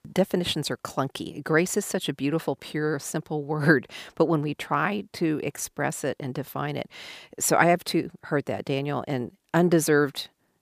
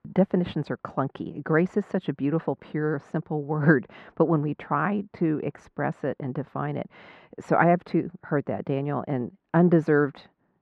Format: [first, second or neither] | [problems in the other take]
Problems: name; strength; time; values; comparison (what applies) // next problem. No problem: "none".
first | muffled; very; fading above 1.5 kHz